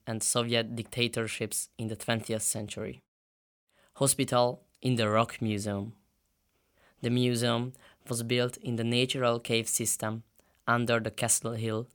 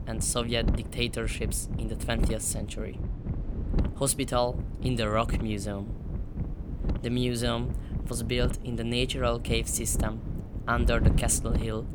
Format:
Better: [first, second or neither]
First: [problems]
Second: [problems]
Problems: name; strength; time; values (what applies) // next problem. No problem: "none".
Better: first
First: none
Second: wind noise on the microphone; occasional gusts; 10 dB below the speech